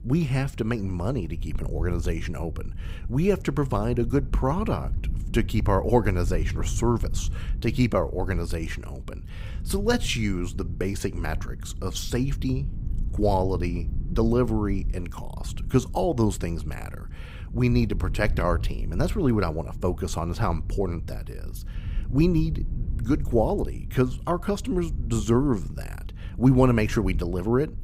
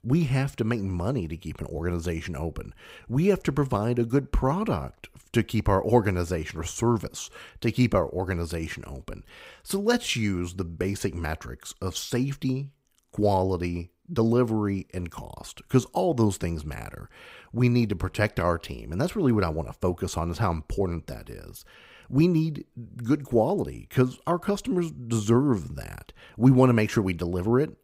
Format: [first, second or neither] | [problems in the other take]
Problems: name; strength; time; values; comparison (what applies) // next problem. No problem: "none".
second | low rumble; faint; throughout; 20 dB below the speech